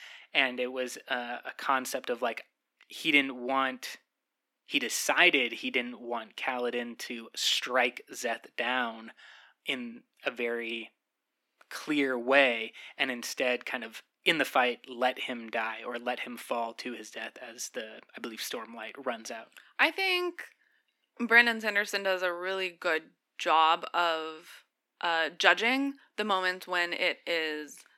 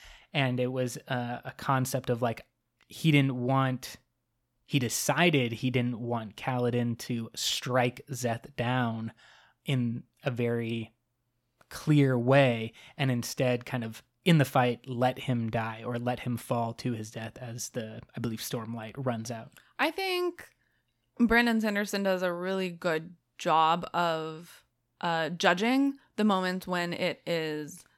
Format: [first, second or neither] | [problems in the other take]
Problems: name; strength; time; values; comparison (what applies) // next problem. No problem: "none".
second | thin; somewhat; fading below 250 Hz